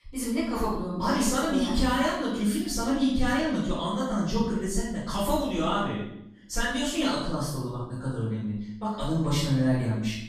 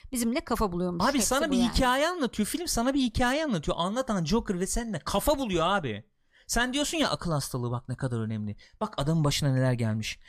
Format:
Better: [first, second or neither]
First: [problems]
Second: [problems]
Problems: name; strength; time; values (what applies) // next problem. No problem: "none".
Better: second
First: room echo; noticeable; dies away in 0.7 s // off-mic speech; far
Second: none